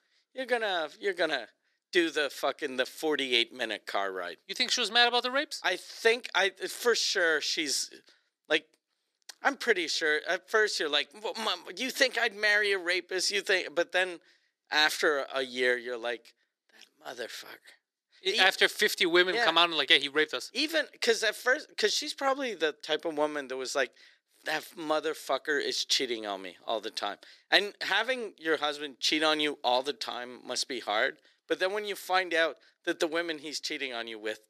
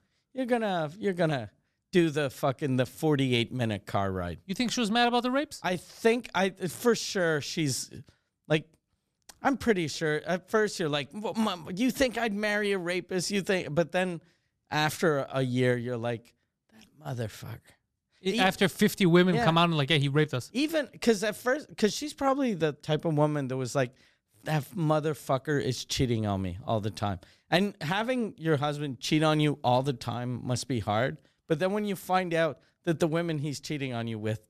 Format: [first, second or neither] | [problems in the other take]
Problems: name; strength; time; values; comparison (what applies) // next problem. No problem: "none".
second | thin; very; fading below 350 Hz